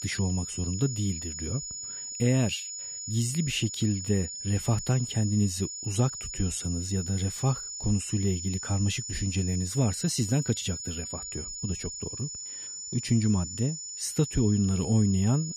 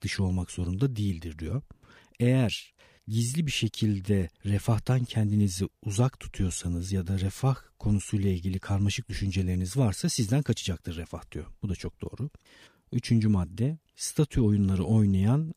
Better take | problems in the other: second | high-pitched whine; loud; throughout; 7 kHz, 6 dB below the speech

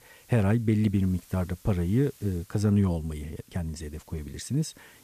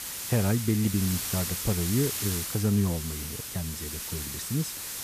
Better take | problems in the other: first | hiss; loud; throughout; 3 dB below the speech; faint in the first

